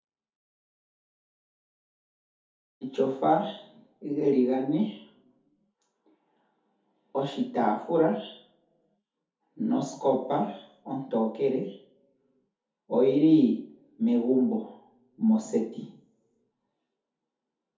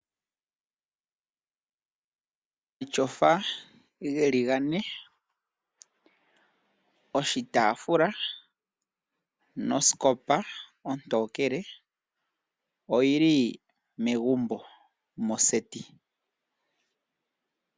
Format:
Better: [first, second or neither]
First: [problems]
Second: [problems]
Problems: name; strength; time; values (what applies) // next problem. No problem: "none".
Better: second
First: room echo; dies away in 0.5 s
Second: none